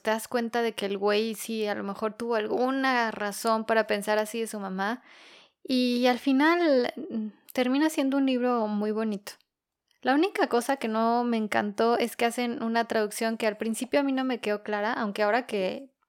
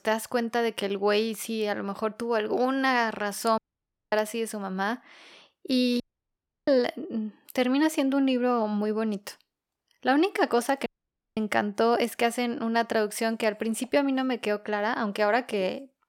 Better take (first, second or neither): first